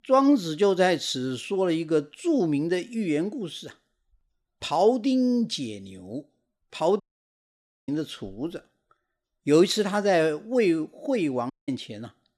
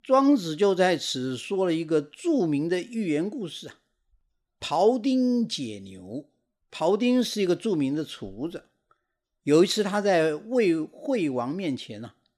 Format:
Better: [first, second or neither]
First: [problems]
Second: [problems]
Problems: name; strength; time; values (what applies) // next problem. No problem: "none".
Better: second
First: audio cutting out; at 7 s for 1 s and at 12 s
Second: none